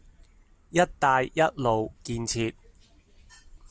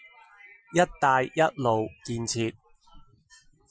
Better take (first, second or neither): first